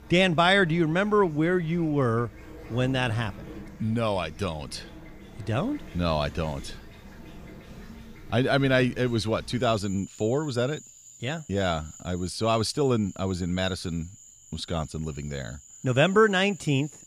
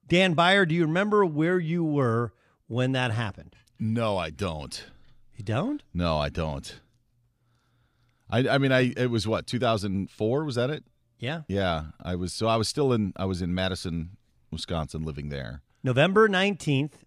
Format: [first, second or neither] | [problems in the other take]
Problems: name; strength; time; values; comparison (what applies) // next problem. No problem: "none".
second | animal sounds; faint; throughout; 20 dB below the speech